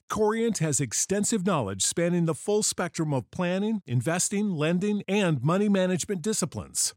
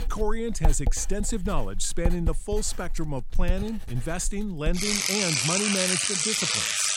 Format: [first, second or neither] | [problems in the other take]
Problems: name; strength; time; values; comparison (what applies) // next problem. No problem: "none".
first | household noises; very loud; throughout; 4 dB above the speech